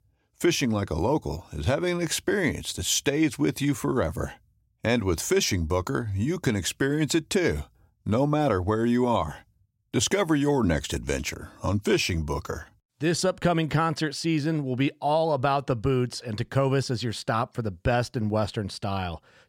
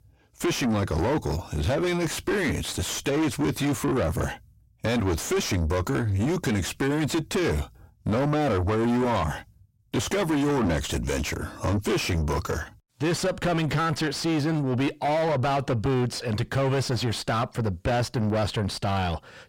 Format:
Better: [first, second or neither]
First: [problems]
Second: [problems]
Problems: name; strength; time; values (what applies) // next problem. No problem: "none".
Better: first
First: none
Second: distortion; heavy; 6 dB below the speech